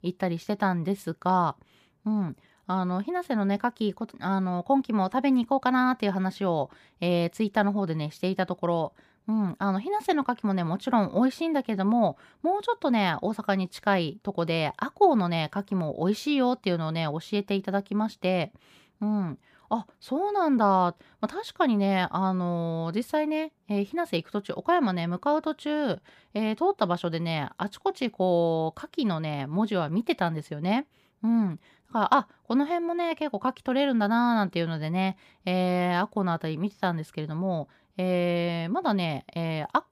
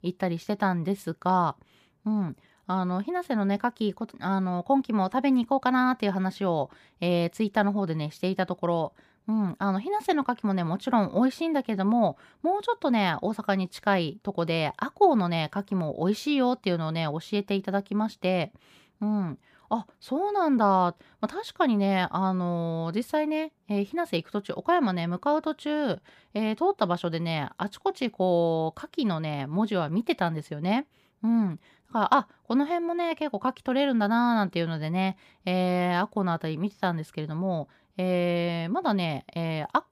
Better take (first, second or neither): neither